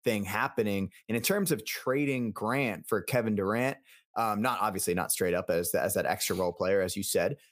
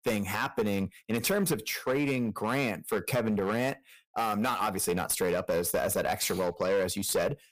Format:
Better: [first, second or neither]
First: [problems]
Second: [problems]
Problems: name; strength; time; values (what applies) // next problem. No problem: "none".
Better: first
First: none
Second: distortion; slight; 10% of the sound clipped